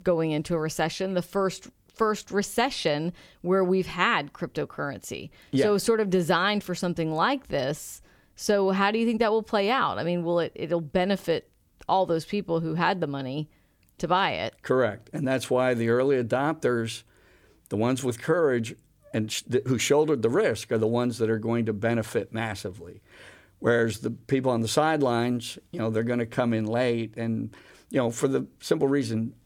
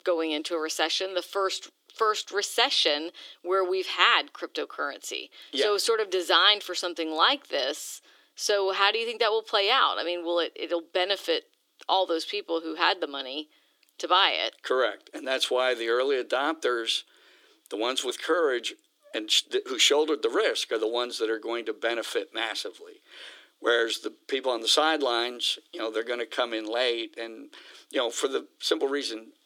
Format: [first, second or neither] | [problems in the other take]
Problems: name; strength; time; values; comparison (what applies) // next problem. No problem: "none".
first | thin; very; fading below 300 Hz